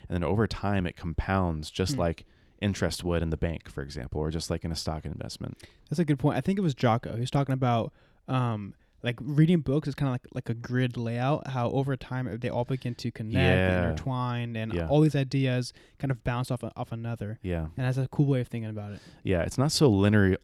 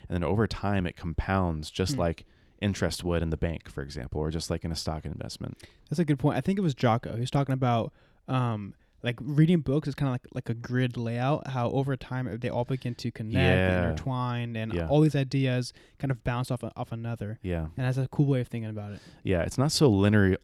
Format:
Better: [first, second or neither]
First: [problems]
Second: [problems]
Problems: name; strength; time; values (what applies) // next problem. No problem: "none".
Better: neither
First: none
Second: none